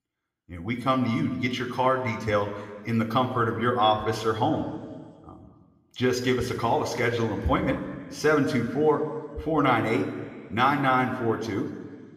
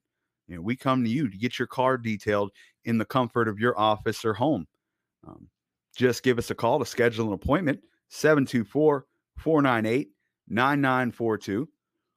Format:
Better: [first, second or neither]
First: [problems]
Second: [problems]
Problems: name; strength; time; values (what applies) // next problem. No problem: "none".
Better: second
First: room echo; slight; dies away in 1.6 s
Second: none